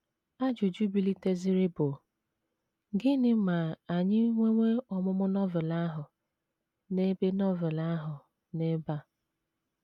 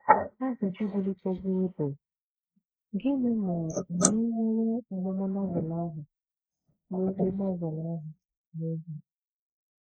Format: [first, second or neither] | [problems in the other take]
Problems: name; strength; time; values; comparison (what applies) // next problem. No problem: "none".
first | noise reduction (neural mask model Resemble Enhance denoiser)